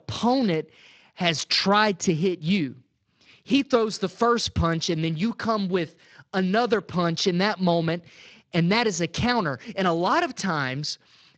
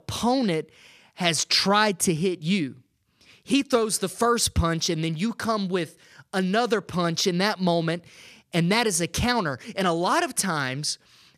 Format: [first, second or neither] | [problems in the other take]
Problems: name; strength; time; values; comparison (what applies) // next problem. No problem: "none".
second | garbled, watery; slightly